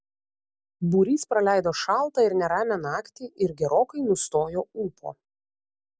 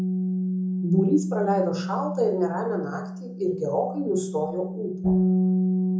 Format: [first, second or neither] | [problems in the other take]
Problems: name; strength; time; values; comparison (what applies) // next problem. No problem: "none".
first | background sound (Bass guitar); as loud as the speech // room echo; dies away in 0.6 s